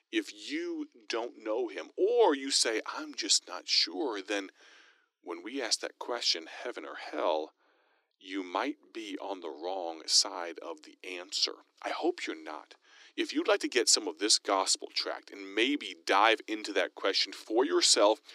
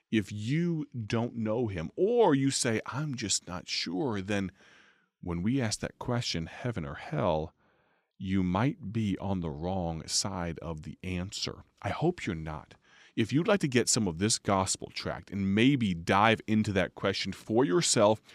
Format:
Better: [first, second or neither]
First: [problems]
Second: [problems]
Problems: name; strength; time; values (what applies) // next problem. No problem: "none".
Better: second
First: thin; somewhat; fading below 300 Hz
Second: none